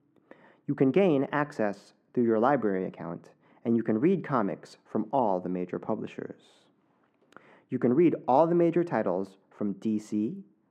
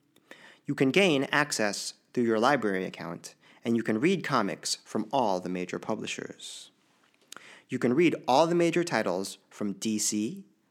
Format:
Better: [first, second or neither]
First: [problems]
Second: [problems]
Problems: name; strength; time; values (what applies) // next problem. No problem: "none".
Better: second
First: muffled; very; fading above 2.5 kHz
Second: none